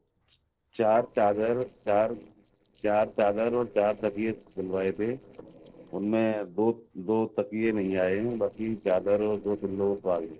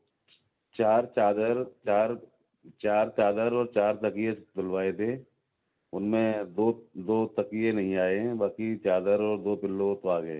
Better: second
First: noise reduction (neural separator model SepFormer DNS4)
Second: none

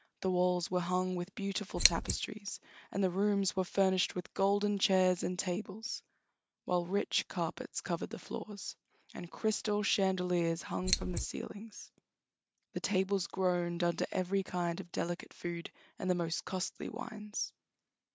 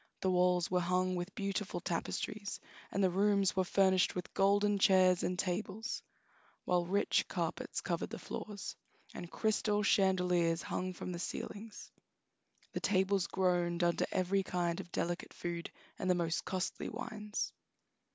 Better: second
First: noise reduction (neural mask model RNNoise)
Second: none

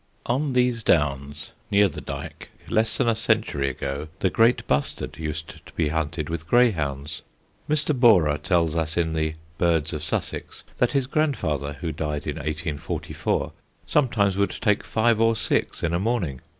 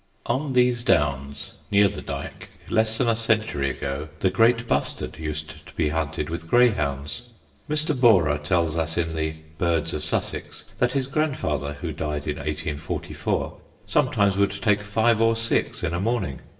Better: first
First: none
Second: room echo; dies away in 0.7 s

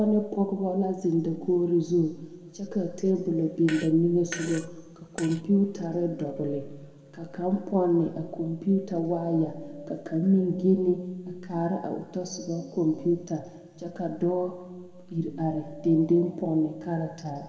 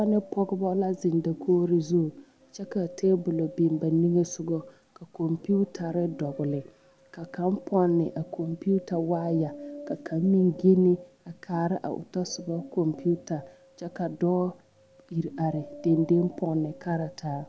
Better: second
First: background sound (Fart); 15 dB below the speech // room echo; dies away in 1.6 s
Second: none

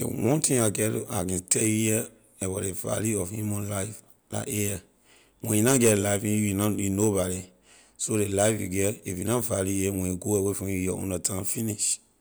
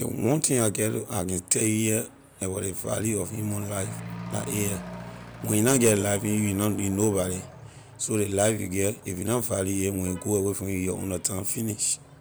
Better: first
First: none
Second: background sound (Accelerating, revving, vroom / Truck); 16 dB below the speech

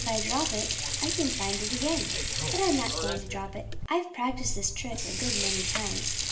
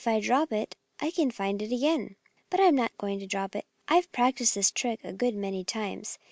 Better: second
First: background sound (Sink (filling or washing) / Water); 1 dB above the speech // room echo; dies away in 1.4 s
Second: none

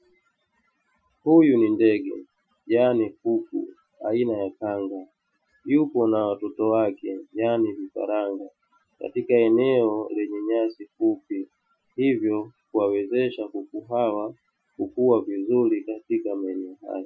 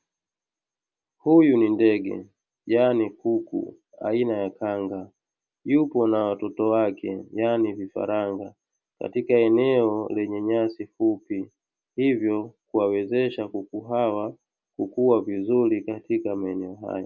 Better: second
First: noise reduction (classical method Wiener filter)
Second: none

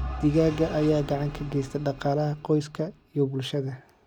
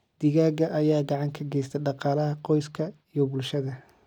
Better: second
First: background sound (Engine / Vehicle); 13 dB below the speech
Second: none

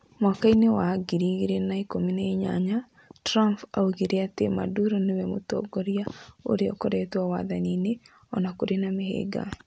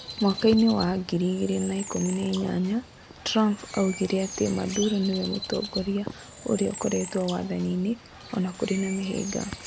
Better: first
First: none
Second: background sound (Bird); 13 dB below the speech

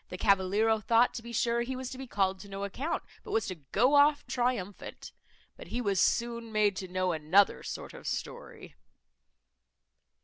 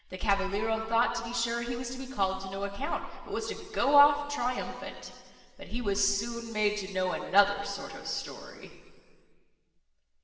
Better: first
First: none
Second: room echo; dies away in 2.3 s

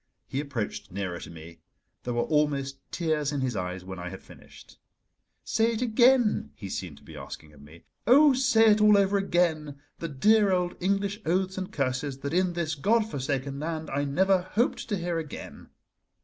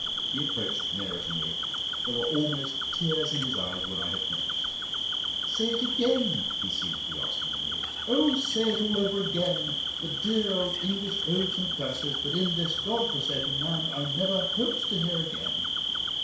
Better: first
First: none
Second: background sound (Cricket); 1 dB above the speech // room echo; dies away in 0.6 s

